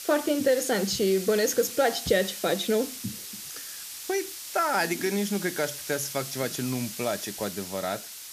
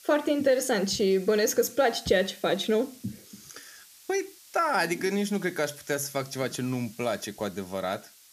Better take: second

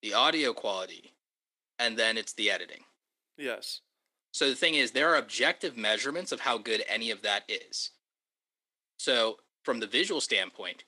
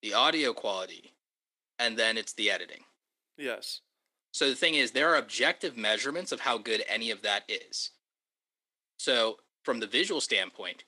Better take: neither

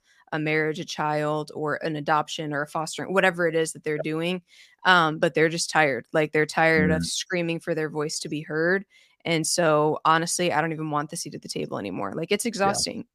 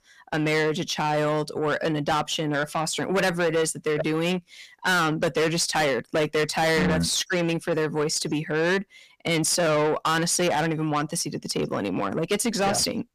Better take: first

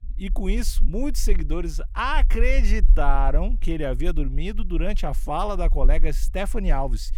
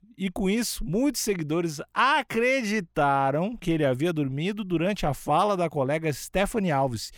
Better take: second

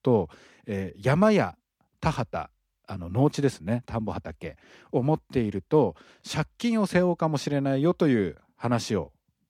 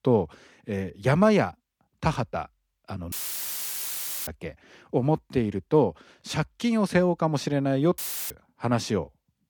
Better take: first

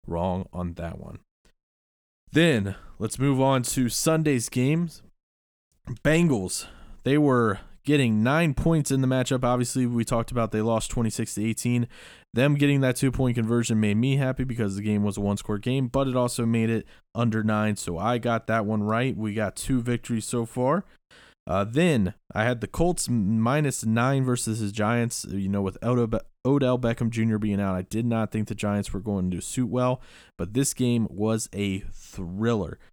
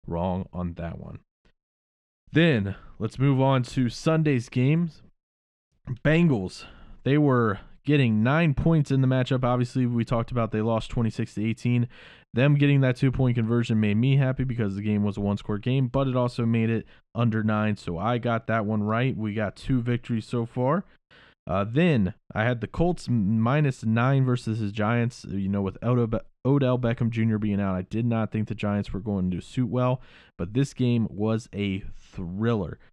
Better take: first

